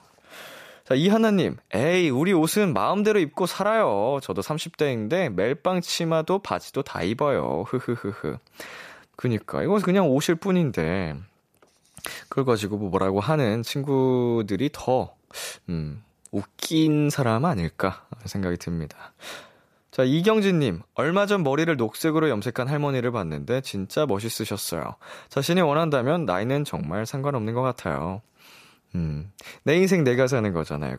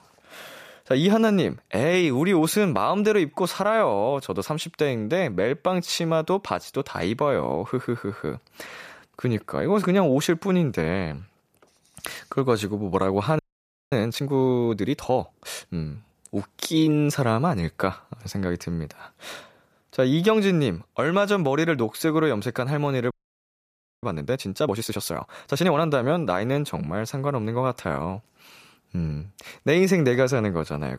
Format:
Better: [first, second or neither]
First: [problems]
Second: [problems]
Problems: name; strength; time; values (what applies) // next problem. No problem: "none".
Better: first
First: none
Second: audio freezing; at 13 s for 0.5 s and at 23 s for 1 s